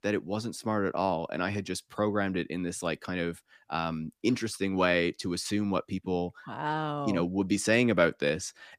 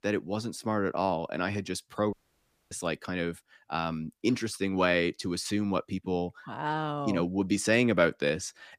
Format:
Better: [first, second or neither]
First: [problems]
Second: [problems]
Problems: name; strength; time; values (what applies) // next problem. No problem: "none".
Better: first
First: none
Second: audio cutting out; at 2 s for 0.5 s